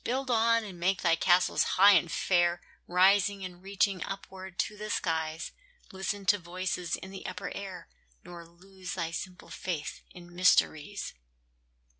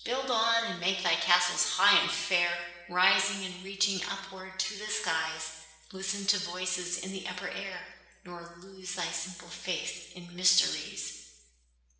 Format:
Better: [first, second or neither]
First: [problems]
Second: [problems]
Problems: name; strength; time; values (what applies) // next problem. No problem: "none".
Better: first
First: none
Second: room echo; dies away in 0.9 s